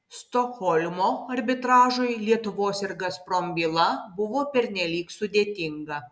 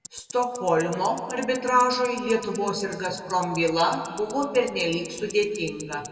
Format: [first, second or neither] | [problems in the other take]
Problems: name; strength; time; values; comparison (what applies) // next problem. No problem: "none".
first | background sound (Tick-tock); 19 dB below the speech // room echo; dies away in 2.1 s